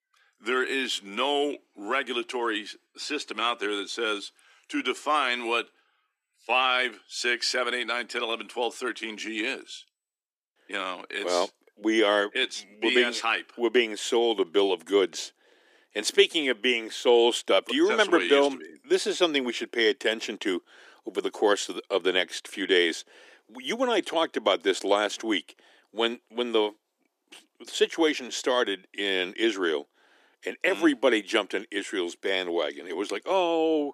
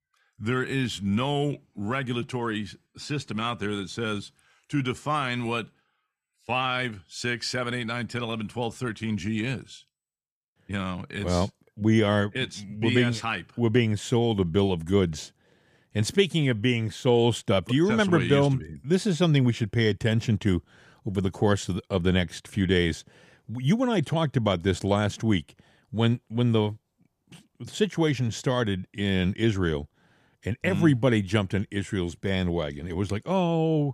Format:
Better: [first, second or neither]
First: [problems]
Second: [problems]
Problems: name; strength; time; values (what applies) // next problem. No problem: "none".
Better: second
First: thin; very; fading below 300 Hz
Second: none